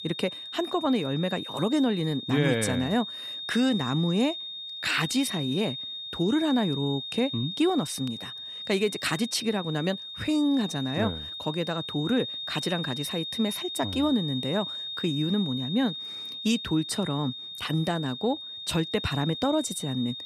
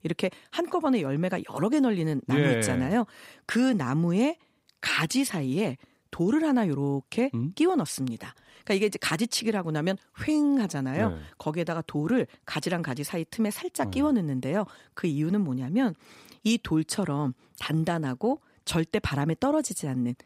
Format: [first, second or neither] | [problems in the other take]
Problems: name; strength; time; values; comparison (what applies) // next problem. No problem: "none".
second | high-pitched whine; loud; throughout; 3.5 kHz, 6 dB below the speech